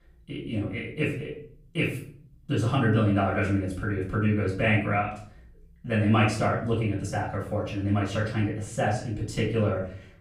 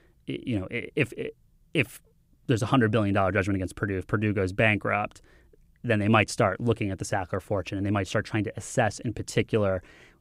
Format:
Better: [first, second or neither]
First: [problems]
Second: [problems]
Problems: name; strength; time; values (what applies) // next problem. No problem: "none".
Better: second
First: room echo; noticeable; dies away in 0.5 s // off-mic speech; far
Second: none